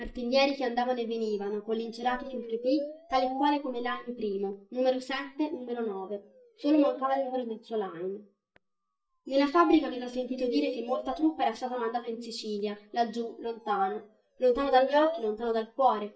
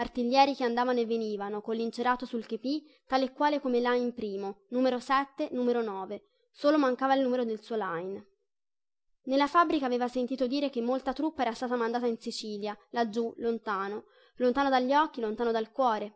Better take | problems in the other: second | noise reduction (neural mask model DeepFilterNet 3)

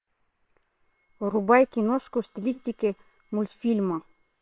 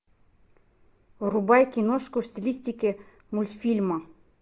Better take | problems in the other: second | noise reduction (neural separator model SepFormer WHAM!)

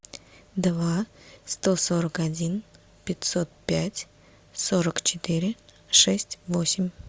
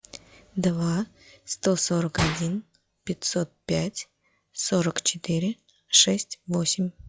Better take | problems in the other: first | noise reduction (classical method log-MMSE)

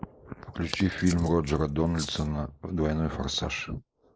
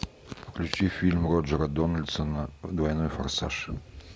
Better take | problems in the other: second | noise reduction (neural mask model Resemble Enhance denoiser)

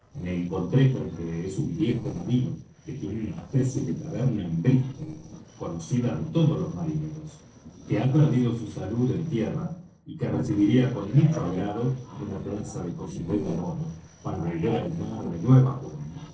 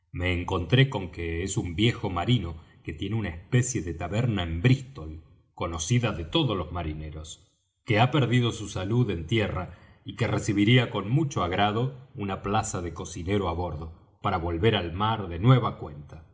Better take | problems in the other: second | noise reduction (neural separator model SepFormer DNS4)

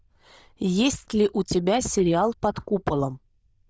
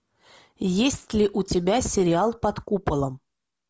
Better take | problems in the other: second | noise reduction (neural diffusion model UNIVERSE++)

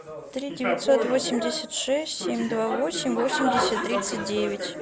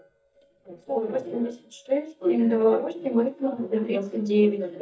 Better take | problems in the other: first | noise reduction (neural mask model DeepFilterNet 3)

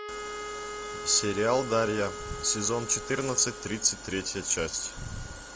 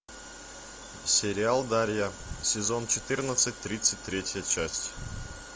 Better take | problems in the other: second | background sound (Wind instrument, woodwind instrument); 11 dB below the speech

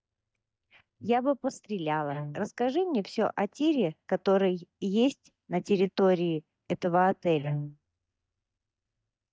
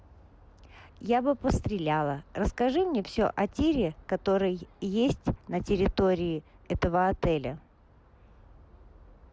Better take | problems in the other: second | noise reduction (neural mask model DeepFilterNet 3)

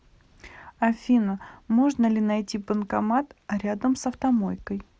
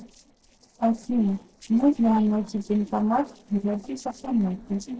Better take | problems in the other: first | noise reduction (neural separator model SepFormer DNS4)

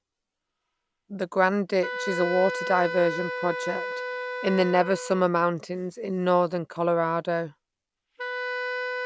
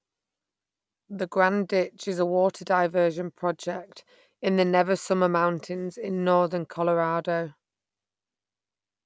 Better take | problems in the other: second | background sound (Wind instrument, woodwind instrument); 8 dB below the speech

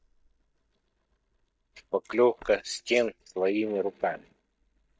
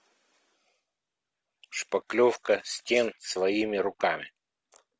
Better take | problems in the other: second | noise reduction (neural mask model DeepFilterNet 3)

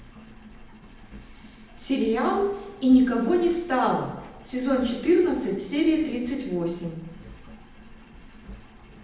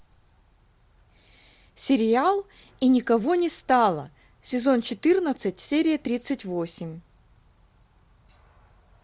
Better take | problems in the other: second | background sound (Engine); 19 dB below the speech // room echo; dies away in 0.9 s

